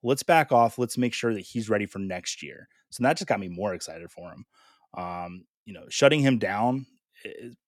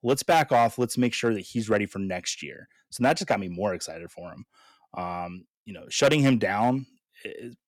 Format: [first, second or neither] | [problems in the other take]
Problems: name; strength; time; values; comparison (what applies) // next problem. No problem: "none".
first | distortion; slight; 2% of the sound clipped